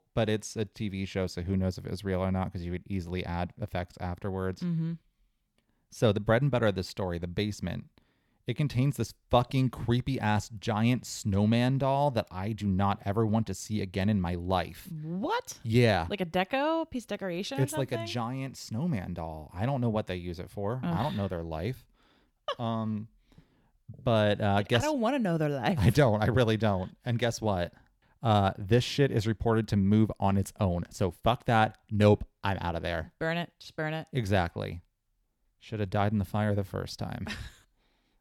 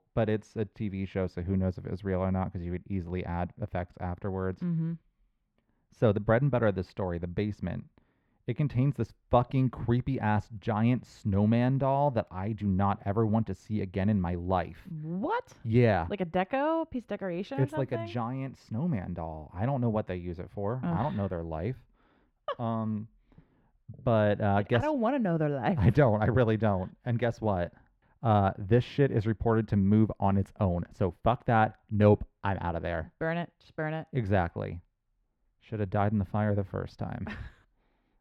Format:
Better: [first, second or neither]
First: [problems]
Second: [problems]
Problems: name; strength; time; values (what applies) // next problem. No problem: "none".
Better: first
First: none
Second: muffled; very; fading above 3.5 kHz